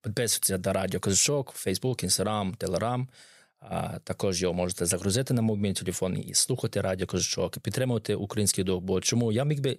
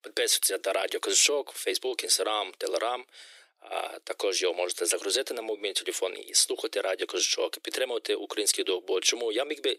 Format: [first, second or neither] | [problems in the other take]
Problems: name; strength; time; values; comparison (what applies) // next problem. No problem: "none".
first | thin; very; fading below 300 Hz